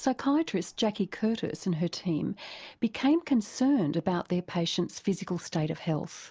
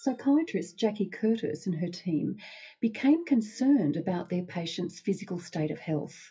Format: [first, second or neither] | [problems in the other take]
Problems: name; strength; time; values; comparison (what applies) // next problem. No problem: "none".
first | noise reduction (classical method WPE with log-MMSE)